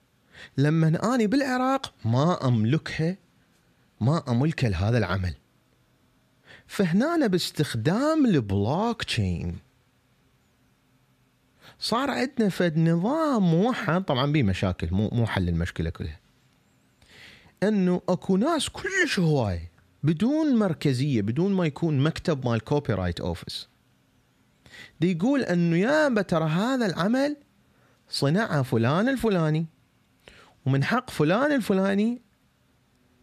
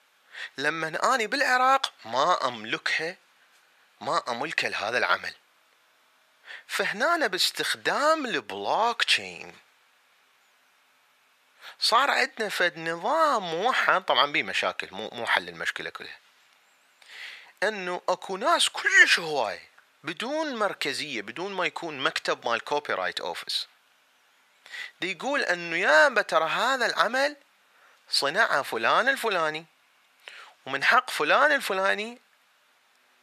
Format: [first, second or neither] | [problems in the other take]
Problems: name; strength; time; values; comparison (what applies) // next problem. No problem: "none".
first | thin; very; fading below 800 Hz